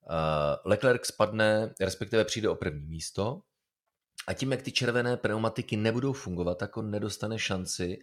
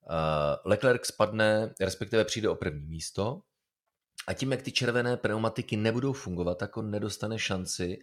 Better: neither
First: none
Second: none

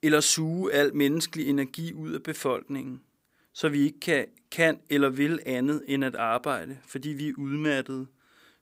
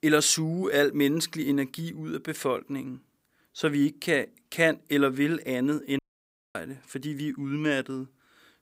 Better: first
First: none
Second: audio cutting out; at 6 s for 0.5 s

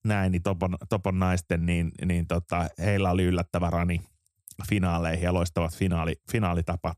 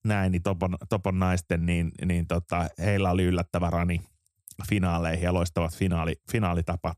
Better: neither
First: none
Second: none

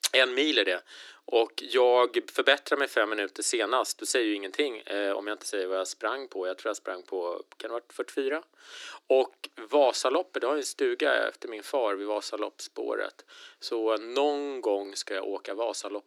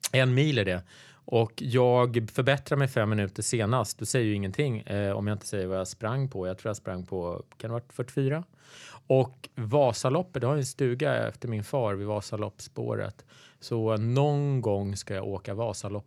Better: second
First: thin; very; fading below 300 Hz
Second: none

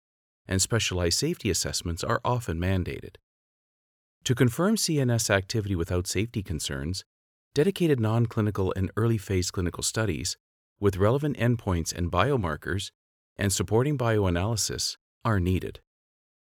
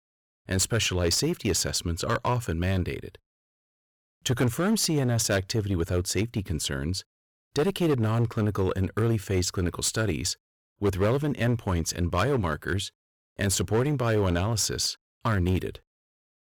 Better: first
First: none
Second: distortion; slight; 7% of the sound clipped

